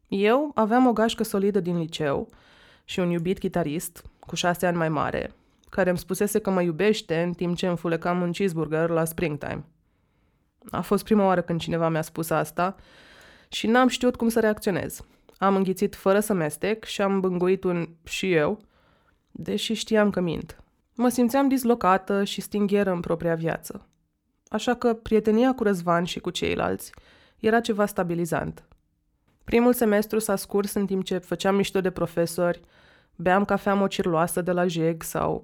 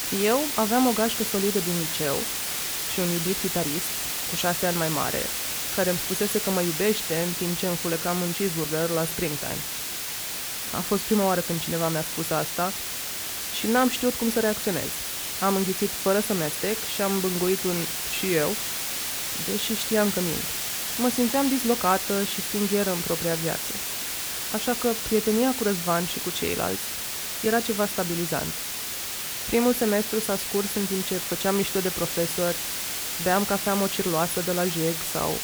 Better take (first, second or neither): first